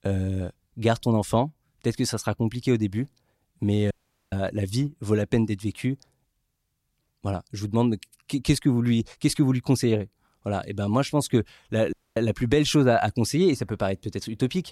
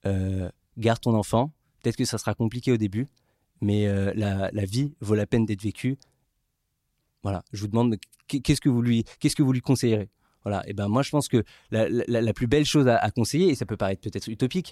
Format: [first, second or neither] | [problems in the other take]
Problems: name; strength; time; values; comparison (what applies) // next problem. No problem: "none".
second | audio cutting out; at 4 s and at 12 s